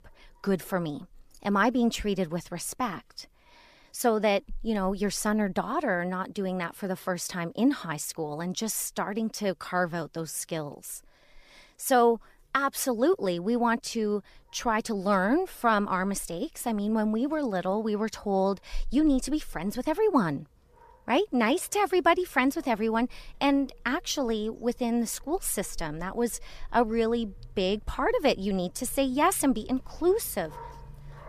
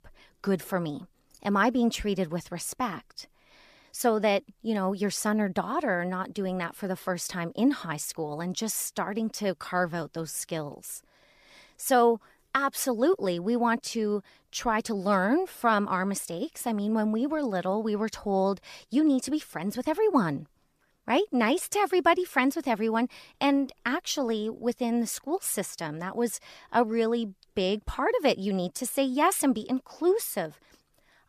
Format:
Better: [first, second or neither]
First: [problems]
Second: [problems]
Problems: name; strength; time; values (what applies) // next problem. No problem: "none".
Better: second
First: animal sounds; faint; throughout; 25 dB below the speech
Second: none